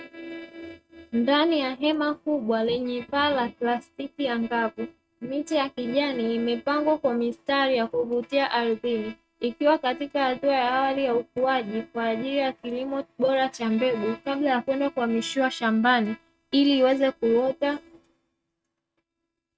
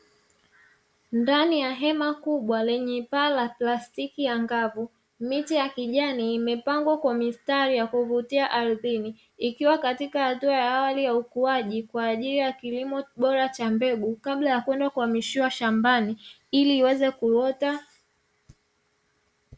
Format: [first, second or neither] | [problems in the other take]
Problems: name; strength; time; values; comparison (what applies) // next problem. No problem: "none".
second | noise reduction (neural mask model RNNoise)